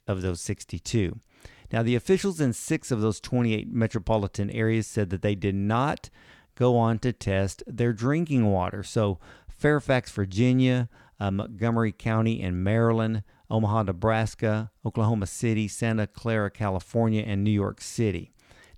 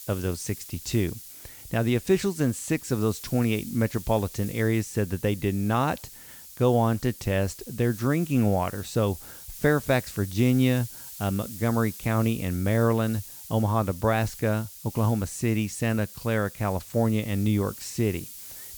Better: first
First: none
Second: hiss; noticeable; throughout; 15 dB below the speech

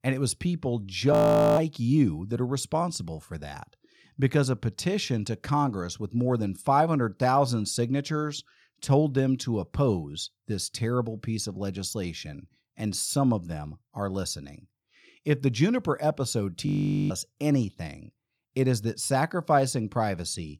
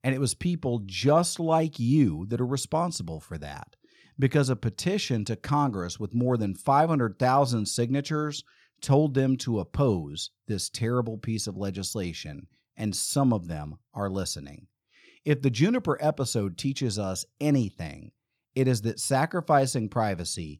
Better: second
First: audio freezing; at 1 s and at 17 s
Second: none

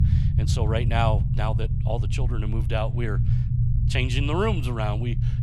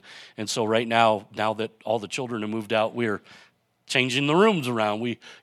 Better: second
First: low rumble; loud; throughout; 8 dB below the speech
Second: none

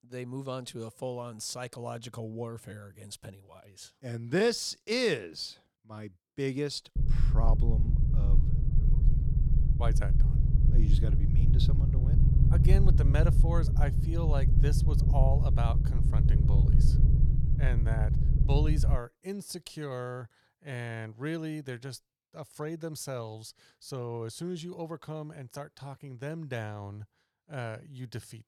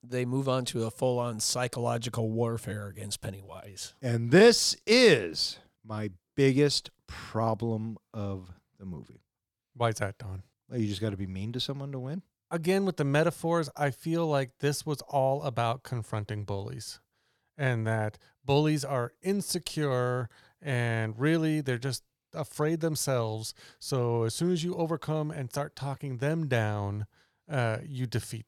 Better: second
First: low rumble; loud; from 7 to 19 s; 4 dB below the speech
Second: none

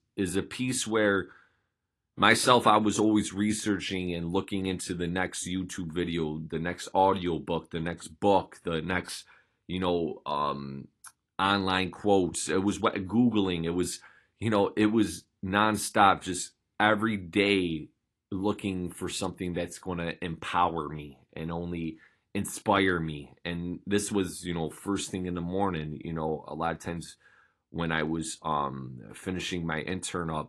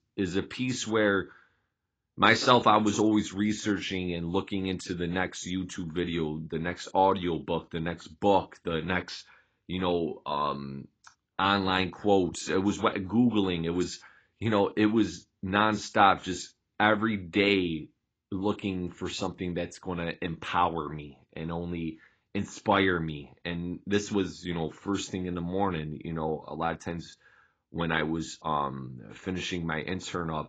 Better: first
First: garbled, watery; slightly; nothing above 11.5 kHz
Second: garbled, watery; badly; nothing above 7.5 kHz

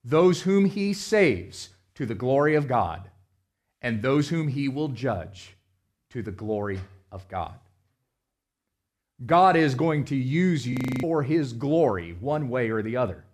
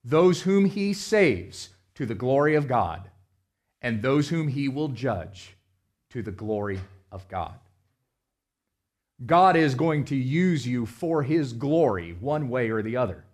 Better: second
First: audio freezing; at 11 s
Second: none

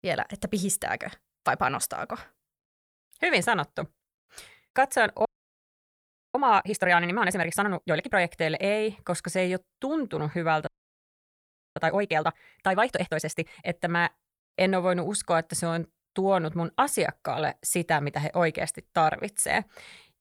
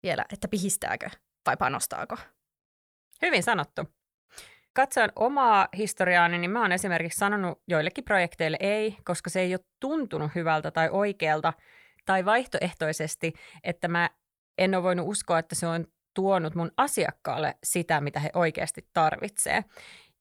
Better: second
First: audio freezing; at 5.5 s for 1 s and at 11 s for 1 s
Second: none

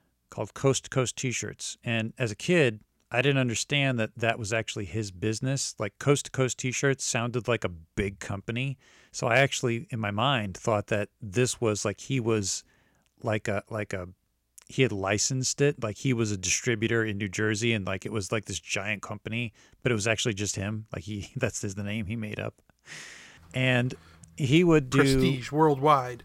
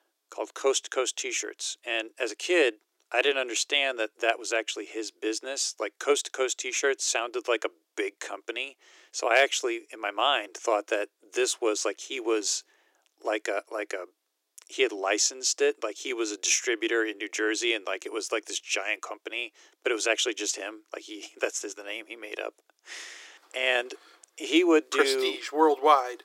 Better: first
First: none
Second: thin; very; fading below 300 Hz

